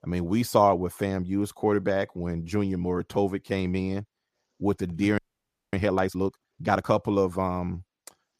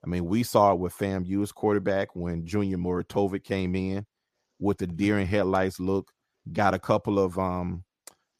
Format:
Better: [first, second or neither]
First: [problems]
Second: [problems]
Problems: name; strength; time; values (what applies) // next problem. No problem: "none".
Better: second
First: audio freezing; at 5 s for 0.5 s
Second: none